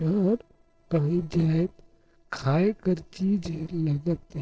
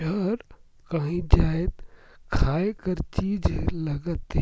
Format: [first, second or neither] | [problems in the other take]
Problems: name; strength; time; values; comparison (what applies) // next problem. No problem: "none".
second | noise reduction (neural separator model SepFormer DNS4)